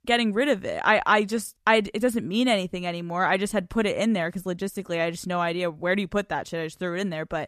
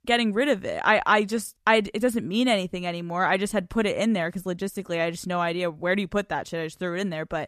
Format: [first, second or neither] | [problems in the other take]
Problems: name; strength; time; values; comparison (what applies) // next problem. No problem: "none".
neither | none